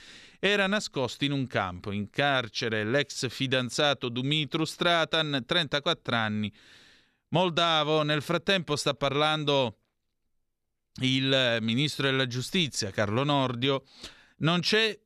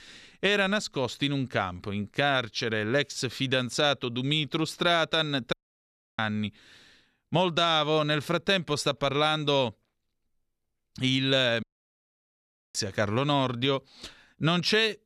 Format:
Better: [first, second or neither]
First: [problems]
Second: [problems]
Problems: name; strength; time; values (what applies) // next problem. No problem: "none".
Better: first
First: none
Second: audio cutting out; at 5.5 s for 0.5 s and at 12 s for 1 s